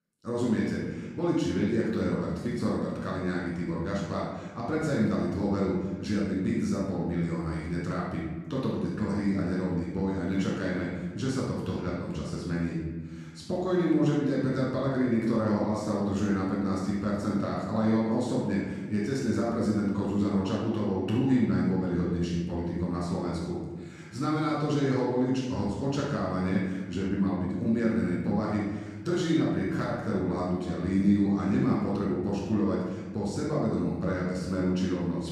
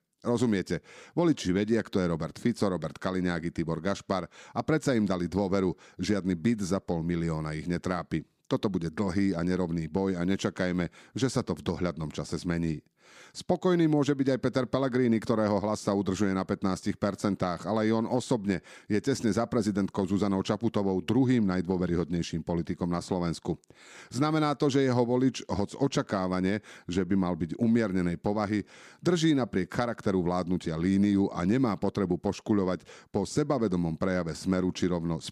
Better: second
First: off-mic speech; far // room echo; strong; dies away in 1.3 s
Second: none

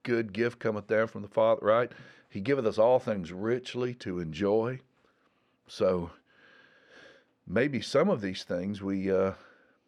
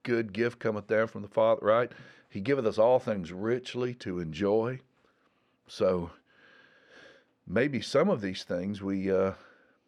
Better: neither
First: muffled; slightly; fading above 2 kHz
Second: muffled; slightly; fading above 2 kHz

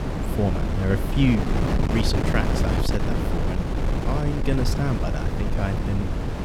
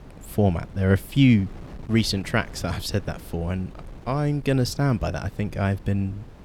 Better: second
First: wind noise on the microphone; heavy; as loud as the speech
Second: wind noise on the microphone; occasional gusts; 20 dB below the speech

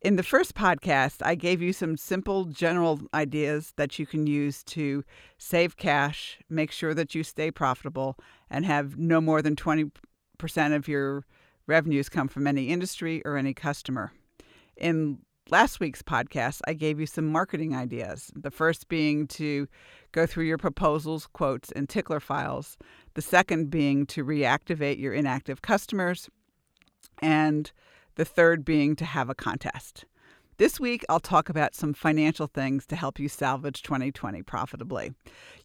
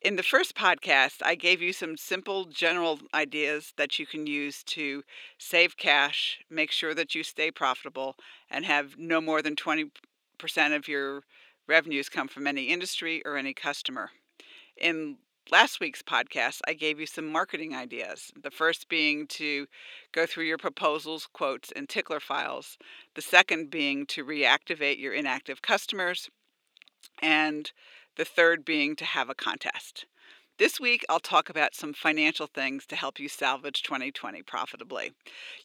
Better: first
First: none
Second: thin; somewhat; fading below 300 Hz

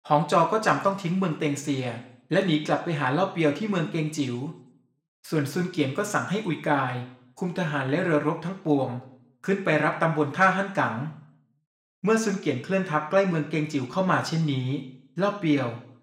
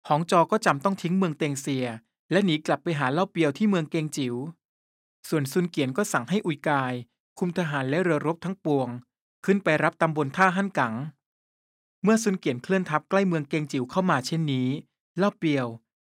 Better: second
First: room echo; slight; dies away in 0.6 s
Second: none

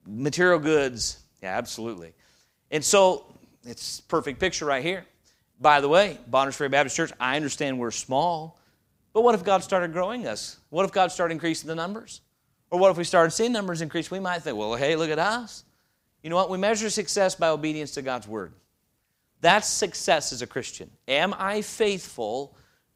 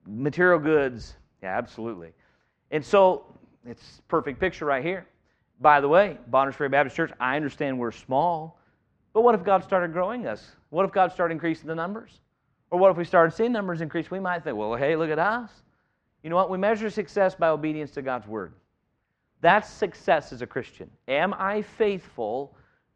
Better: first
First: none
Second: muffled; very; fading above 1.5 kHz

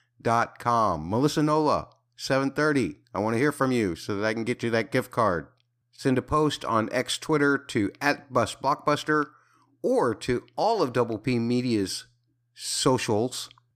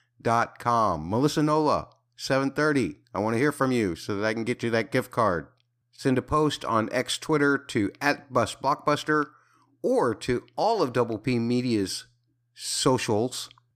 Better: neither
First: none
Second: none

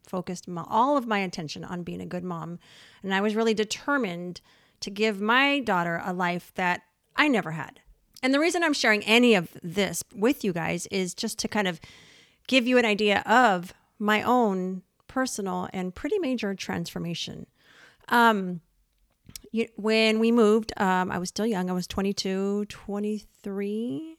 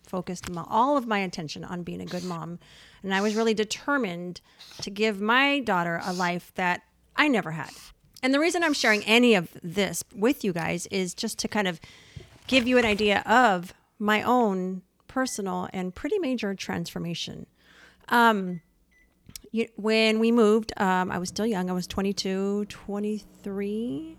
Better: first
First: none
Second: household noises; noticeable; throughout; 20 dB below the speech

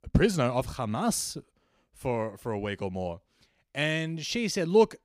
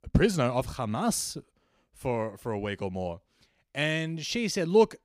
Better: neither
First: none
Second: none

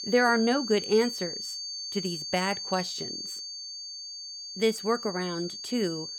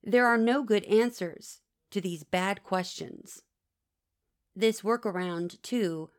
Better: second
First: high-pitched whine; loud; throughout; 4.5 kHz, 6 dB below the speech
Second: none

